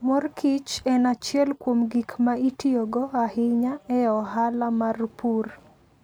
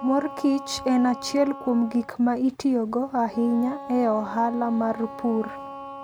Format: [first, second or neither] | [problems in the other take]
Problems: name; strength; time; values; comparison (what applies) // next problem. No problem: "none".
first | background sound (Wind instrument, woodwind instrument); 14 dB below the speech